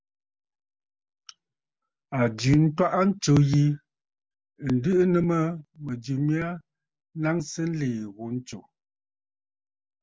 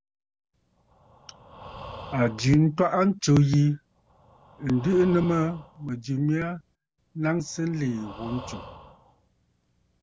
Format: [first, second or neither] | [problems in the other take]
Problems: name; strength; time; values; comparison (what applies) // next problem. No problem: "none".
first | background sound (Breathing); 19 dB below the speech